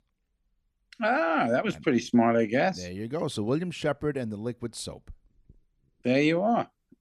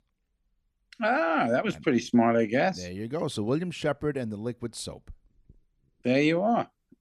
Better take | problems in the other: neither | none

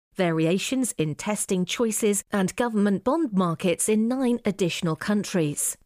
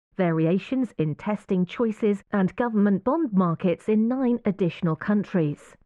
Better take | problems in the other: first | muffled; very; fading above 1.5 kHz

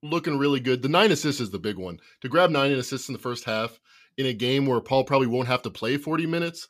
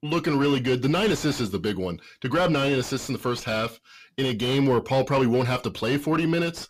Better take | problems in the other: first | distortion; heavy; 7 dB below the speech

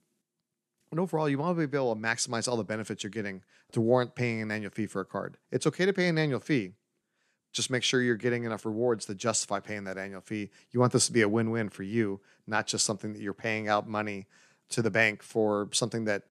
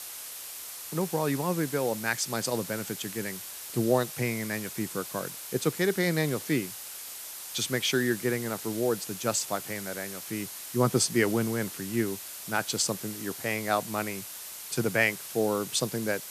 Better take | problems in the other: first | hiss; loud; throughout; 8 dB below the speech

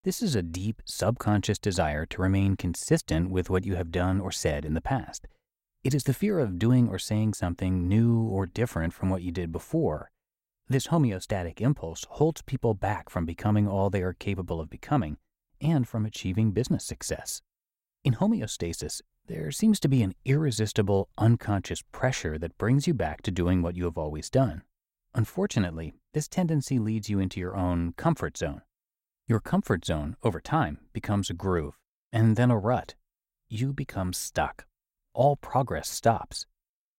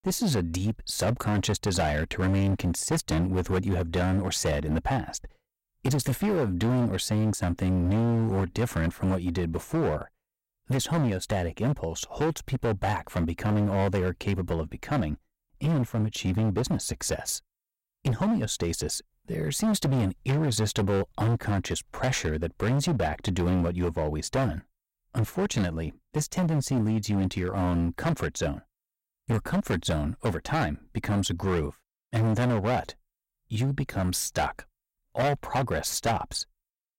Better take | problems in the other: first | distortion; heavy; 16% of the sound clipped

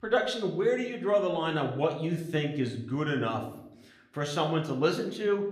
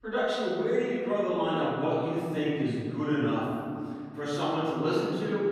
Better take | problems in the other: first | room echo; strong; dies away in 2.5 s; slight in the first // off-mic speech; far

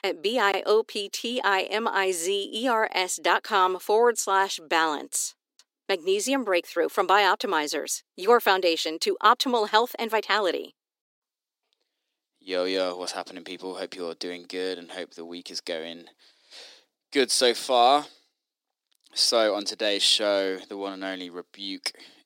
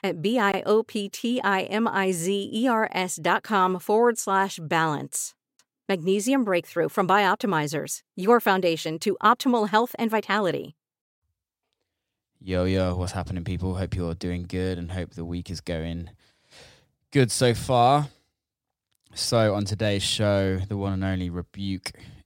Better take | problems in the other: second | thin; somewhat; fading below 300 Hz

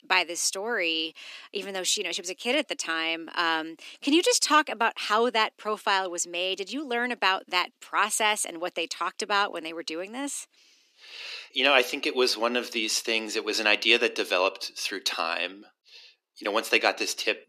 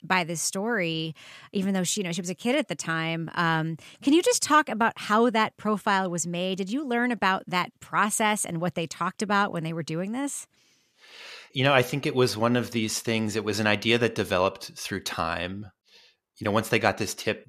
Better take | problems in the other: second | thin; somewhat; fading below 300 Hz

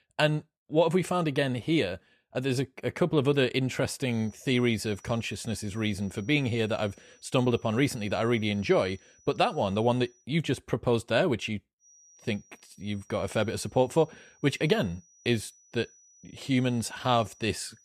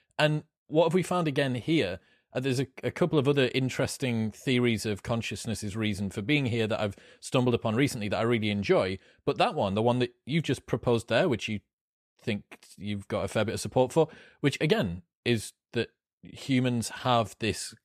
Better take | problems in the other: second | high-pitched whine; faint; from 4 to 10 s and from 12 s on; 6 kHz, 30 dB below the speech

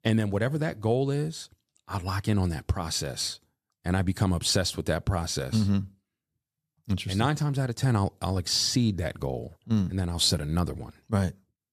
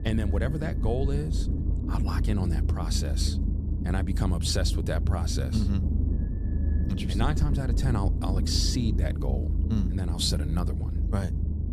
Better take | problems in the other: first | low rumble; loud; throughout; 7 dB below the speech

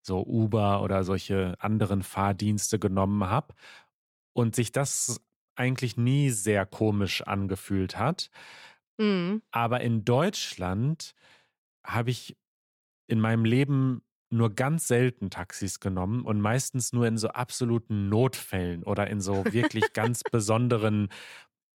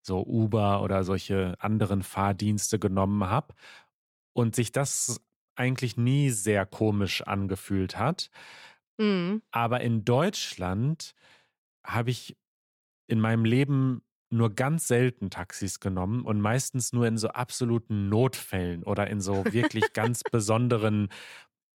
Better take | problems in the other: neither | none

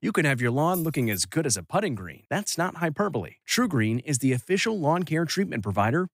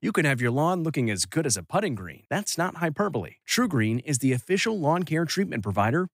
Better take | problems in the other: second | jangling keys; faint; at 0.5 s; peak 10 dB below the speech

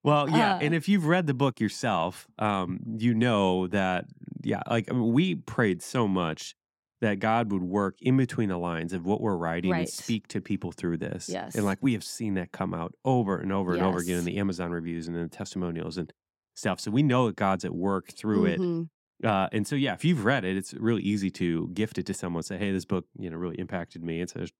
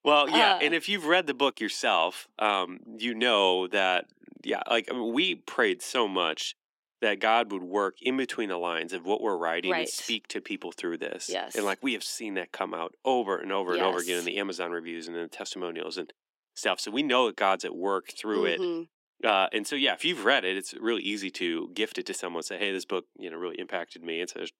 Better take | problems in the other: first | thin; somewhat; fading below 300 Hz

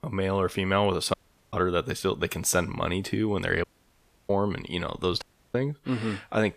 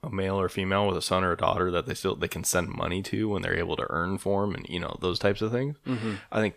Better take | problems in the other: second | audio cutting out; at 1 s, at 3.5 s for 0.5 s and at 5 s

